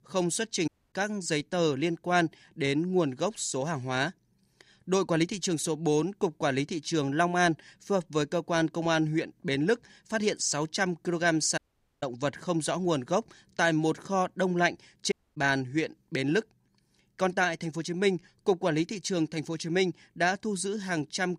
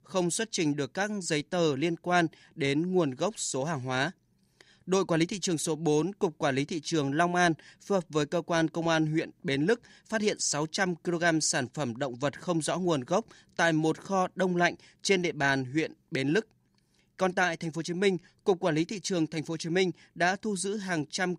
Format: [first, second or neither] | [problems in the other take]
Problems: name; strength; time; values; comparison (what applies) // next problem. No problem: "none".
second | audio cutting out; at 0.5 s, at 12 s and at 15 s